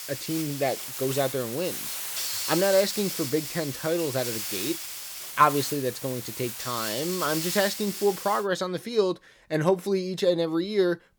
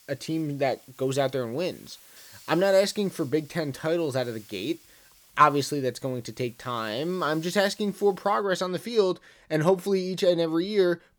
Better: second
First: hiss; loud; until 8.5 s; 5 dB below the speech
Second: hiss; faint; until 8.5 s; 25 dB below the speech

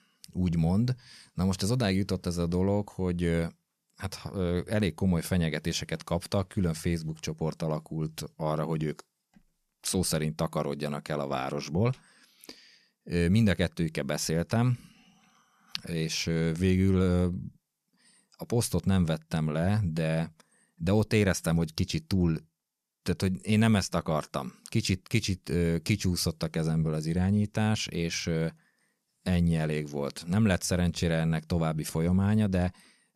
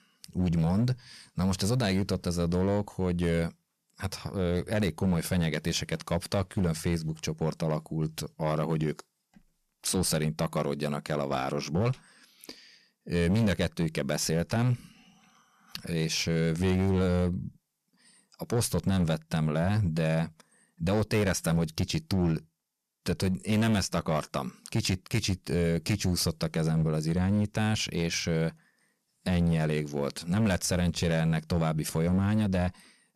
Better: first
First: none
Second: distortion; slight; 10% of the sound clipped

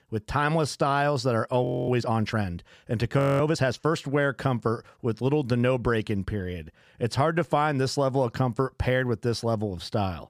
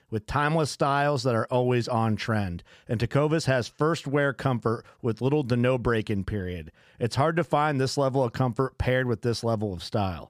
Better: second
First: audio freezing; at 1.5 s and at 3 s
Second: none

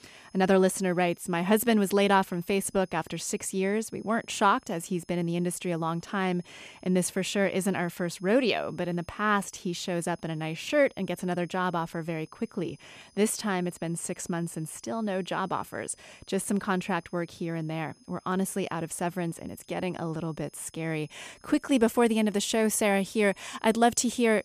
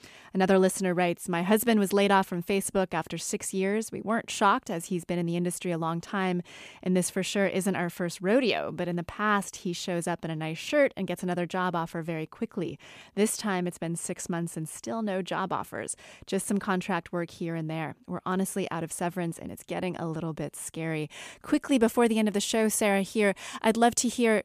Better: second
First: high-pitched whine; faint; throughout; 5 kHz, 30 dB below the speech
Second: none

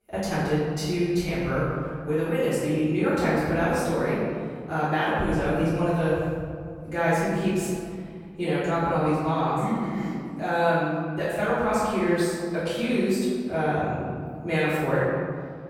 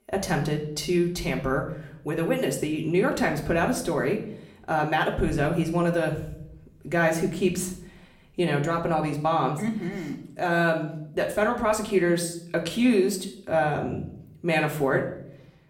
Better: second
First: room echo; strong; dies away in 1.8 s // off-mic speech; far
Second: room echo; slight; dies away in 0.6 s // off-mic speech; somewhat distant

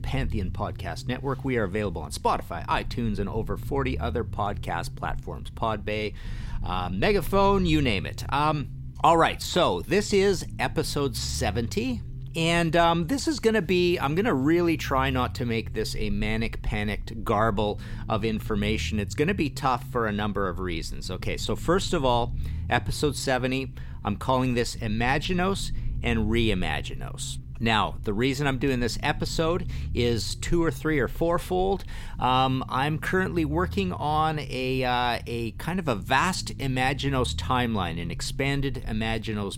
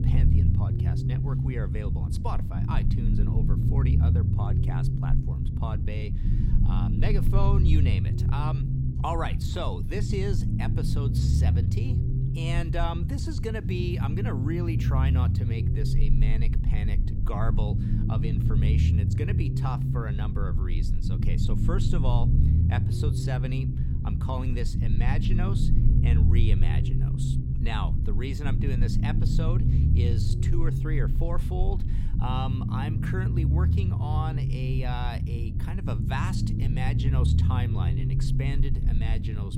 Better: first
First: low rumble; faint; throughout; 25 dB below the speech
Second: low rumble; loud; throughout; 1 dB below the speech

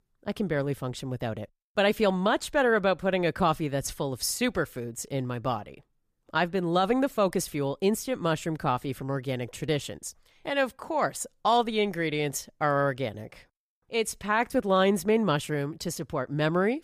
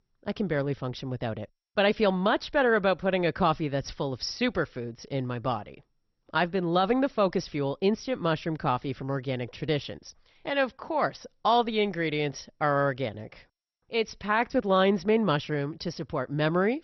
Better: first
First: none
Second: garbled, watery; slightly; nothing above 6 kHz

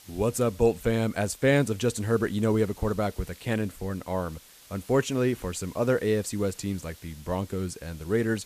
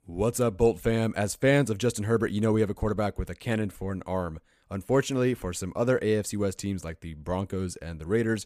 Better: second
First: hiss; faint; throughout; 20 dB below the speech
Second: none

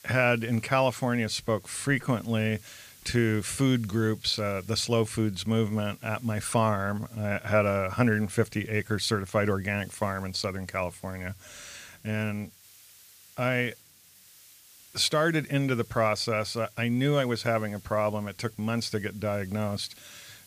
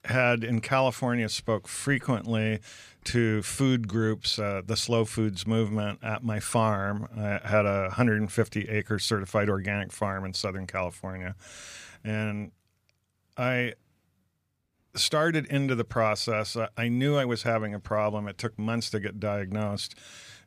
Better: second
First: hiss; faint; throughout; 25 dB below the speech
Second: none

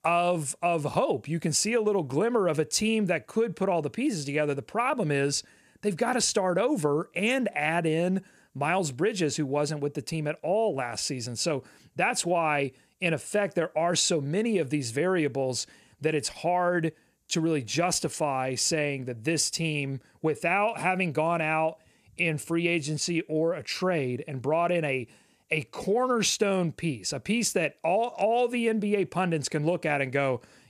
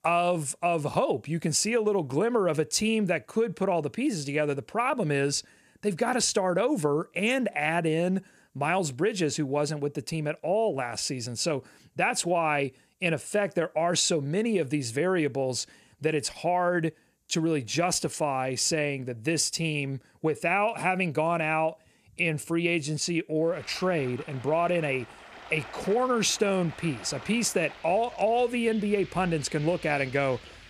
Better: first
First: none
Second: rain or running water; noticeable; from 24 s on; 20 dB below the speech

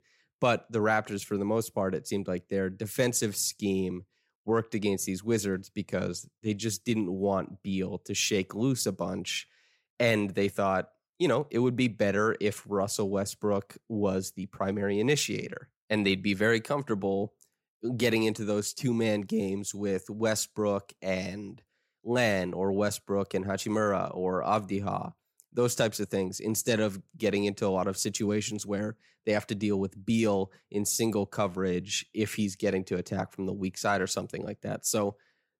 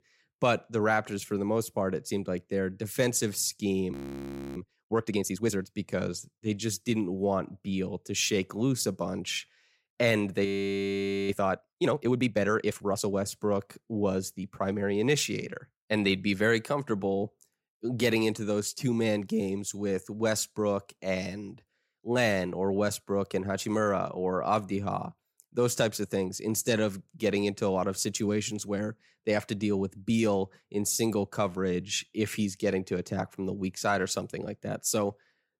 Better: first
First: none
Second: audio freezing; at 4 s for 0.5 s and at 10 s for 1 s

